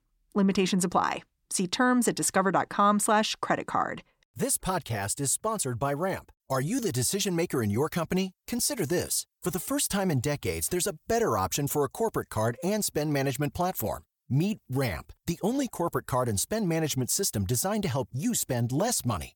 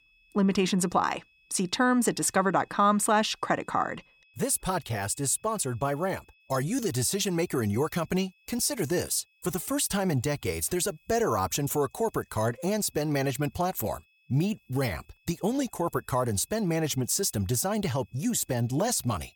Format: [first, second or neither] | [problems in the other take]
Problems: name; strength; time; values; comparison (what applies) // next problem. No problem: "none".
first | high-pitched whine; faint; throughout; 2.5 kHz, 35 dB below the speech